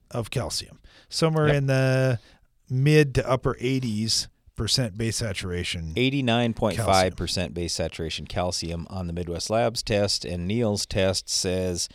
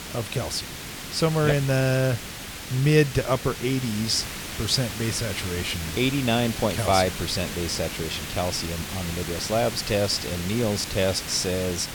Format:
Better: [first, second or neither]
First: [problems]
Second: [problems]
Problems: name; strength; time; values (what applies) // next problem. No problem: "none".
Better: first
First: none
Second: hiss; loud; throughout; 8 dB below the speech